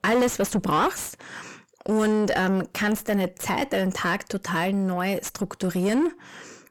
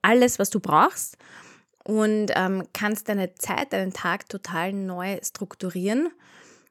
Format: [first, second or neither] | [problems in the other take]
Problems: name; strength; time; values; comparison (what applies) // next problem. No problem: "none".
second | distortion; heavy; 5 dB below the speech